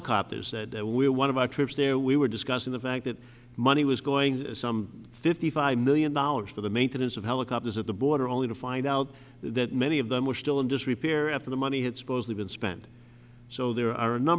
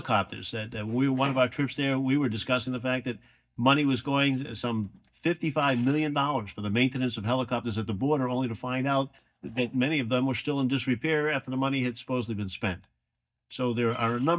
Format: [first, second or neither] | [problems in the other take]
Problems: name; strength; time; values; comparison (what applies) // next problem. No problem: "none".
first | noise reduction (neural mask model DeepFilterNet 3)